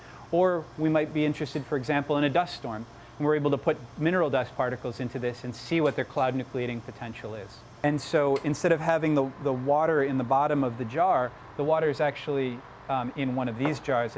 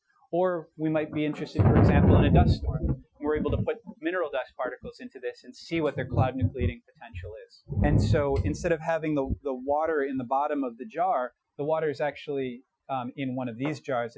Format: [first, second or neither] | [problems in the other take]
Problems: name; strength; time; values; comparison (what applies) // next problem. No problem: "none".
first | noise reduction (classical method Wiener filter)